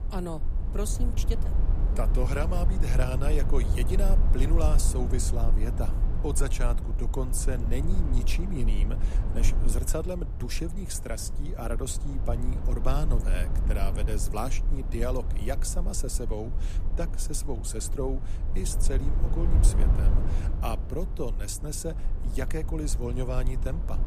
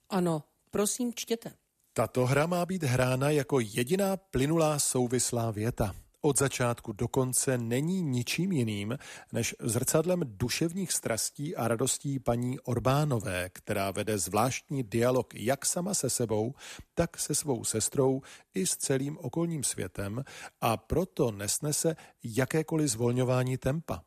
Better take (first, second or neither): second